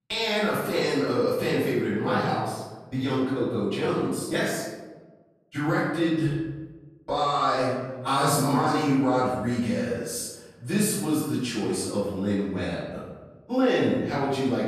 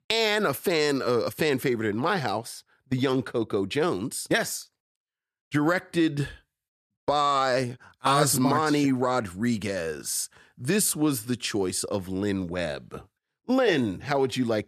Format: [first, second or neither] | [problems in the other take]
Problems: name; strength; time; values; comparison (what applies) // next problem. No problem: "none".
second | off-mic speech; far // room echo; noticeable; dies away in 1.1 s